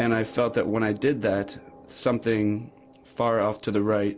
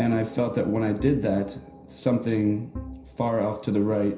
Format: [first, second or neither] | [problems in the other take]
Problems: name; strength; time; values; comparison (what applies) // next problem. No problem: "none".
first | background sound (Bowed string instrument); 17 dB below the speech // room echo; dies away in 0.5 s